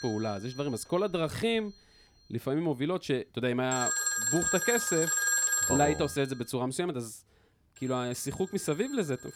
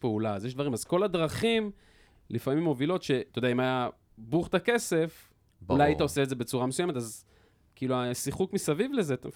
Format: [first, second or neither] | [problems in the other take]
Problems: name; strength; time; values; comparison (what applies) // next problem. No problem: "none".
second | alarms or sirens; very loud; throughout; 4 dB above the speech